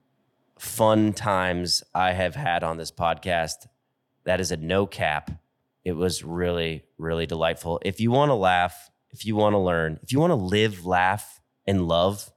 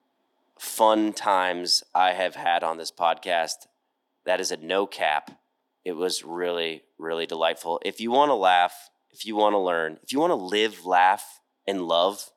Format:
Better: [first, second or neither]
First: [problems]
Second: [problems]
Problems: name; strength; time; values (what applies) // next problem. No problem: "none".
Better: first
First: none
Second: thin; somewhat; fading below 300 Hz